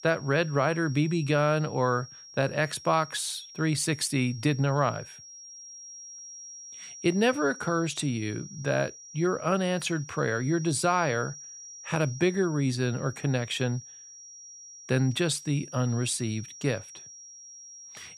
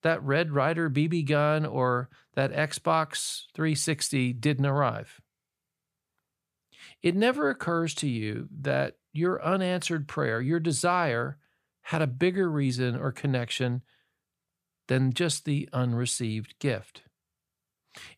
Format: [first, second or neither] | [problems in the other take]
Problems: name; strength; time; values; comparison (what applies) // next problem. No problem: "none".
second | high-pitched whine; noticeable; throughout; 5.5 kHz, 15 dB below the speech